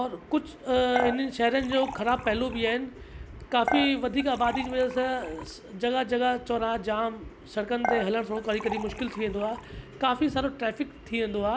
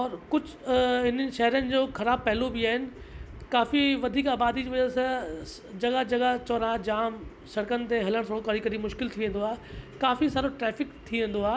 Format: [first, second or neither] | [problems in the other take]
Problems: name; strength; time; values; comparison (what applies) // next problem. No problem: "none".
second | background sound (Dishes, pots, and pans / Chink, clink); 8 dB below the speech